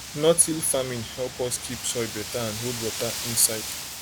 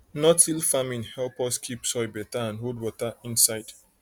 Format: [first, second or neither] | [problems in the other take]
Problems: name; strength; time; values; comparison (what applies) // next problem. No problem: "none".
second | background sound (Wind); 8 dB below the speech